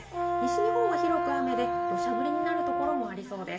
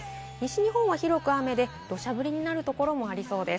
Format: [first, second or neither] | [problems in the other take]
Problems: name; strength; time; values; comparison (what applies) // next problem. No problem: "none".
second | background sound (Brass instrument); 3 dB above the speech // room echo; dies away in 0.5 s